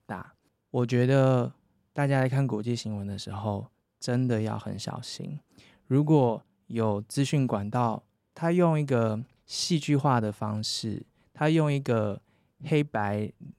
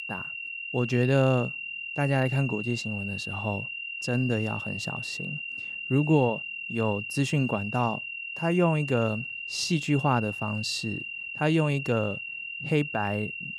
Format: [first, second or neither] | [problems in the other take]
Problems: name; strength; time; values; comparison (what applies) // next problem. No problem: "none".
first | high-pitched whine; loud; throughout; 3 kHz, 6 dB below the speech